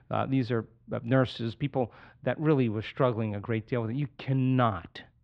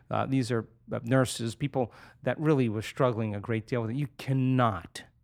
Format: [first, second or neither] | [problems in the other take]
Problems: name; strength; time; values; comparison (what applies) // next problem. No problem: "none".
second | muffled; slightly; fading above 3.5 kHz